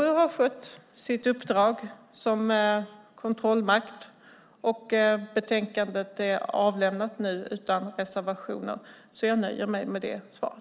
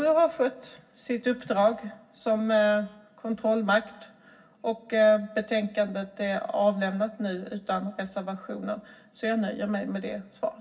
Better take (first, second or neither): first